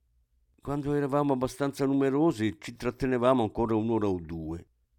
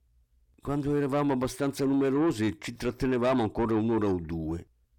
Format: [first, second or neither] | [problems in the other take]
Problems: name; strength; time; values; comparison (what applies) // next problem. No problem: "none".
first | distortion; slight; 10 dB below the speech